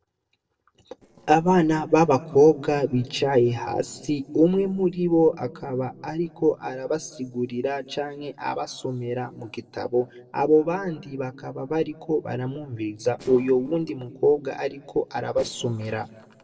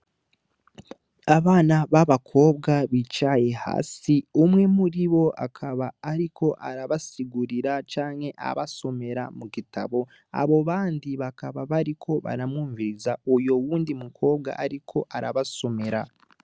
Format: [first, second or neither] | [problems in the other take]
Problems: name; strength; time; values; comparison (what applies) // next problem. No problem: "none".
second | noise reduction (neural separator model SepFormer DNS4)